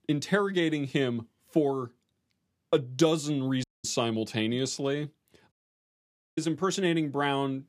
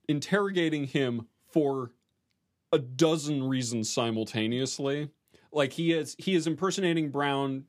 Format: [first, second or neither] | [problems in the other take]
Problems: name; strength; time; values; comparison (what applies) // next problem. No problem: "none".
second | audio cutting out; at 3.5 s and at 5.5 s for 1 s